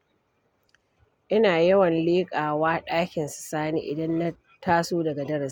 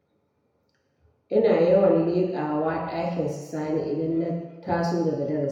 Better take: first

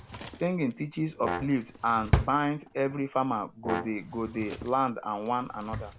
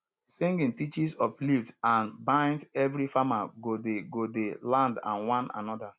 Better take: second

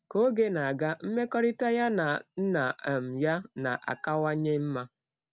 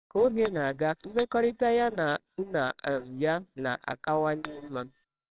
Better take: first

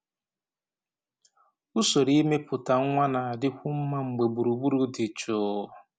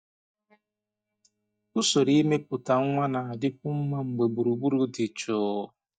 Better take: first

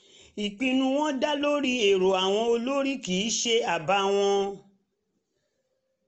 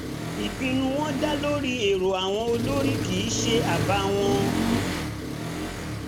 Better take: first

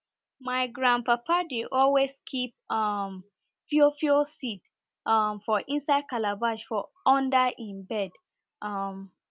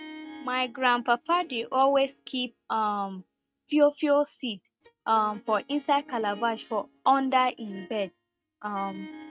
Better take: first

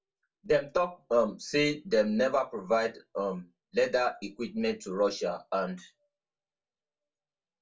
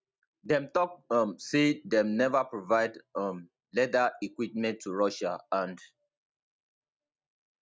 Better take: second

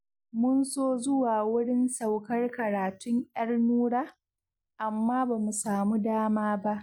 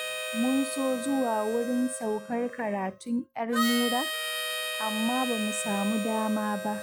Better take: first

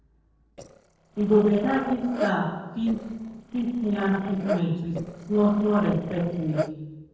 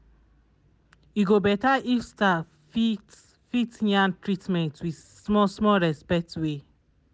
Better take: second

